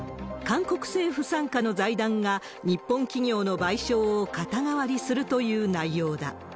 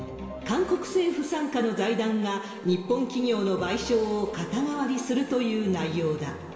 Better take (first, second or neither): first